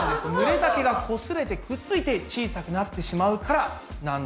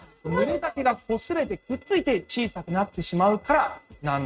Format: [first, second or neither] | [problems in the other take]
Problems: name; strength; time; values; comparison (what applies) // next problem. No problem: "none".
first | noise reduction (neural mask model RNNoise)